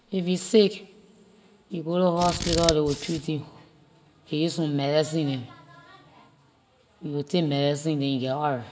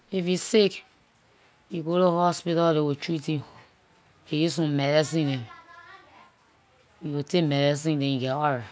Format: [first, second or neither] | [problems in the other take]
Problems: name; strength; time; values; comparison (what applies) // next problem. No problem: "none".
second | background sound (Scissors); 5 dB below the speech // room echo; dies away in 0.9 s